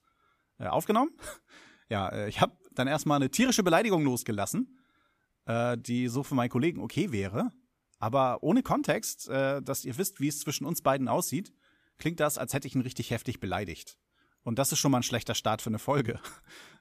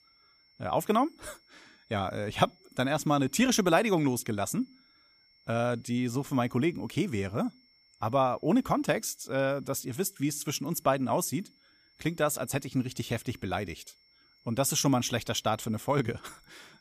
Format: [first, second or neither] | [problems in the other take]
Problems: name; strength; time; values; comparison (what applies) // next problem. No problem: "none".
first | high-pitched whine; faint; throughout; 5.5 kHz, 30 dB below the speech